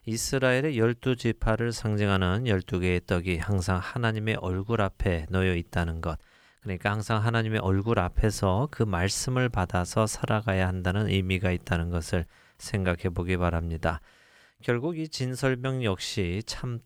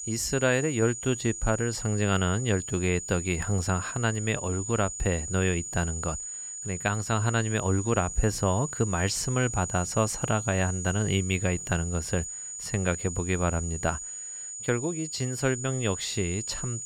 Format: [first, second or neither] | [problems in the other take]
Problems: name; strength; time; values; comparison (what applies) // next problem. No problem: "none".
first | high-pitched whine; loud; throughout; 7 kHz, 6 dB below the speech